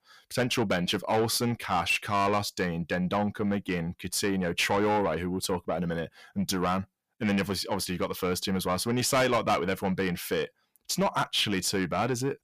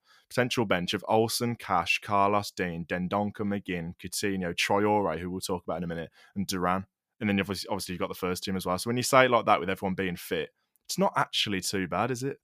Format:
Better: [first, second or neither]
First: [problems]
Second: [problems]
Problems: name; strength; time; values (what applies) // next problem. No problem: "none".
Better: second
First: distortion; heavy; 8 dB below the speech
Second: none